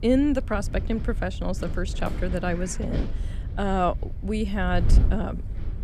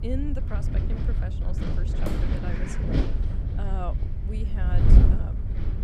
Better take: first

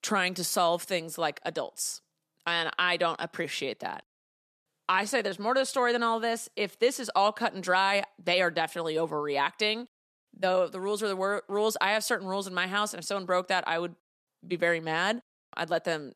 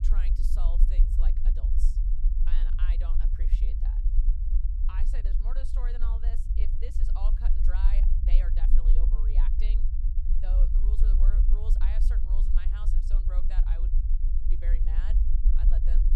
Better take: first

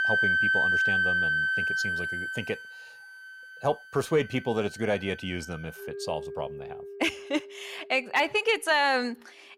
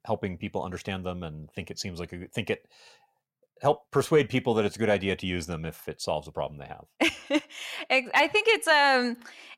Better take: second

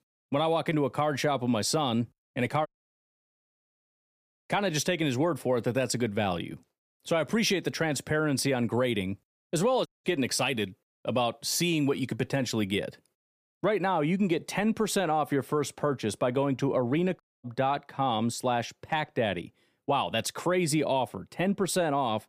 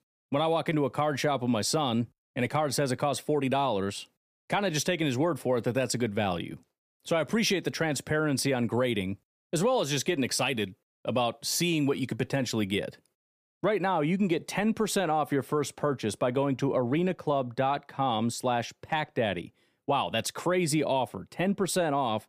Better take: second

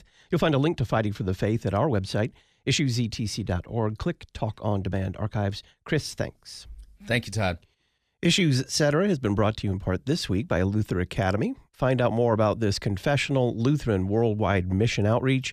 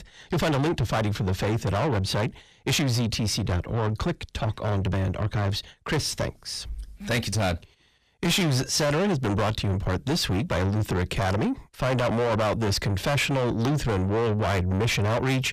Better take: first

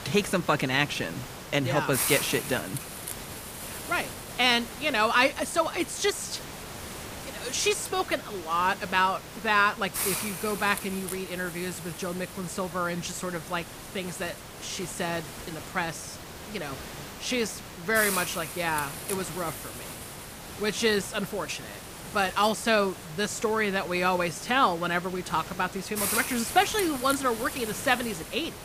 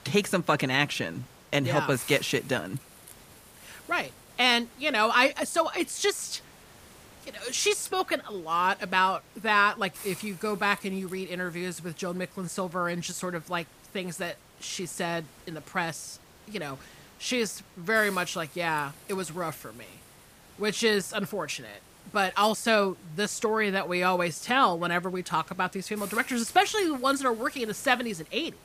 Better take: second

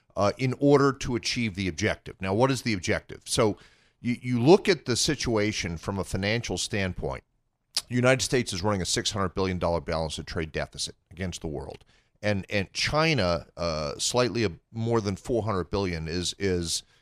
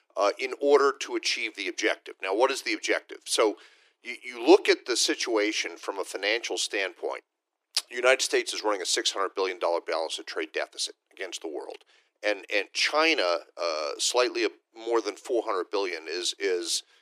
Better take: first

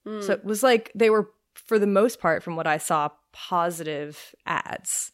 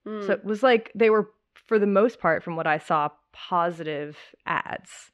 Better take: first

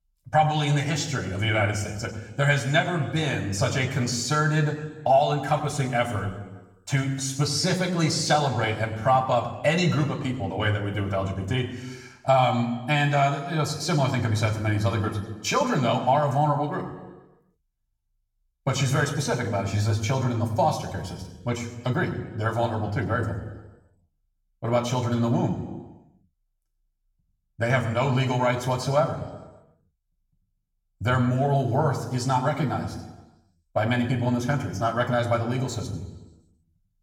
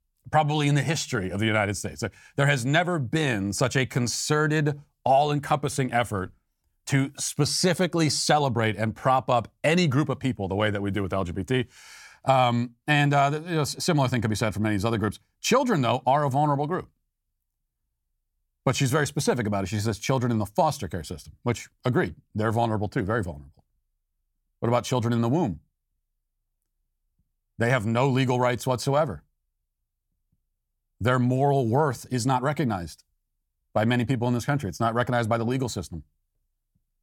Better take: second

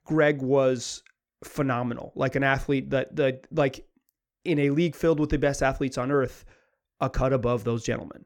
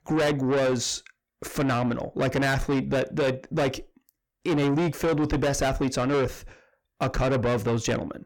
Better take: first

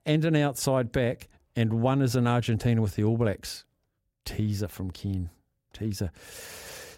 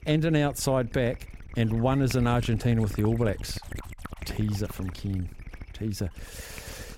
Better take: first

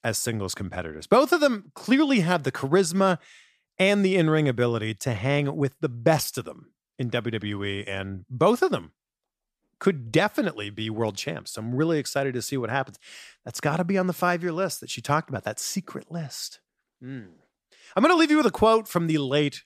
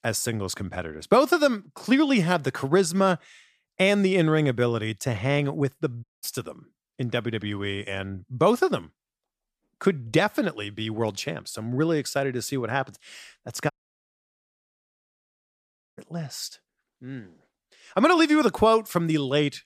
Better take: first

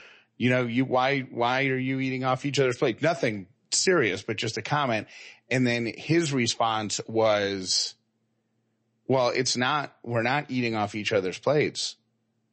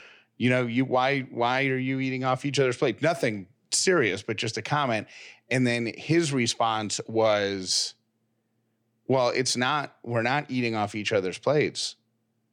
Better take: second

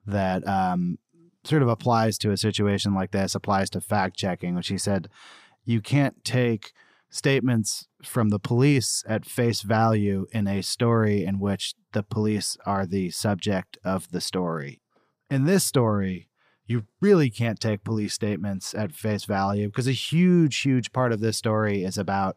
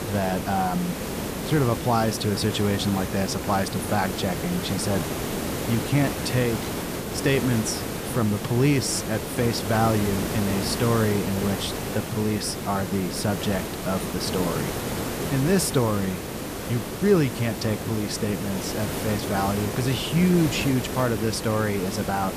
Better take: first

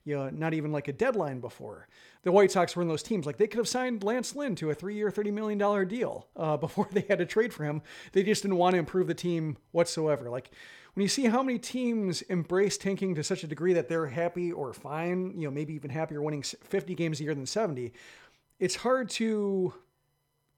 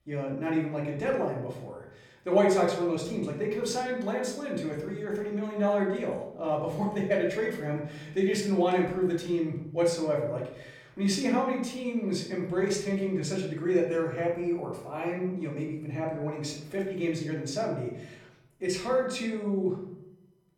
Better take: first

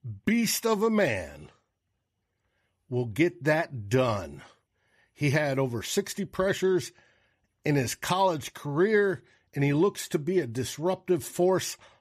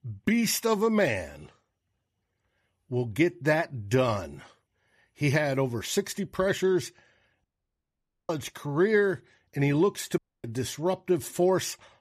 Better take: first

